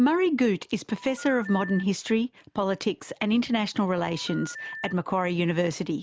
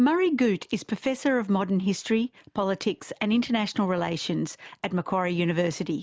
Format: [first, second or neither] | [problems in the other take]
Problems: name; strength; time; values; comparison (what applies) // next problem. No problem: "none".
second | background sound (Telephone); 17 dB below the speech